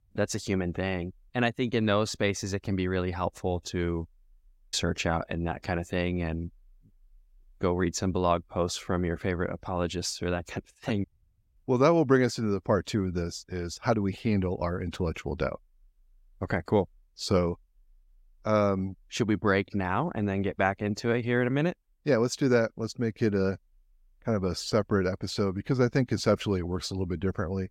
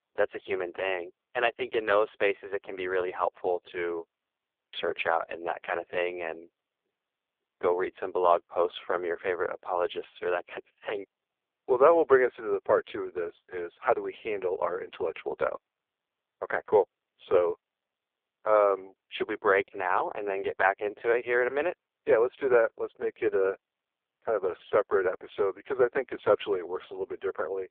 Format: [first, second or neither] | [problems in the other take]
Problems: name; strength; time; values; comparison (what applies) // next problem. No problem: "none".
first | phone-call audio; poor line; nothing above 3.5 kHz